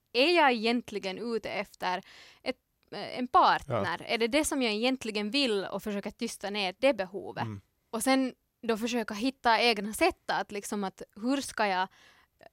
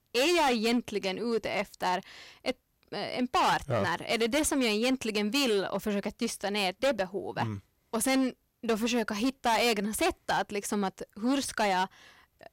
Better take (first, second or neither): first